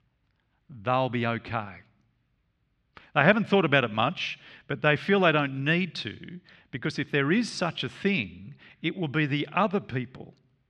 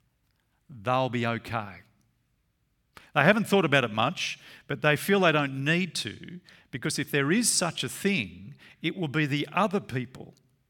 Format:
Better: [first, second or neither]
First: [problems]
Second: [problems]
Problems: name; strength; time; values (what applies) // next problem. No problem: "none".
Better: second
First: muffled; slightly; fading above 4 kHz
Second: none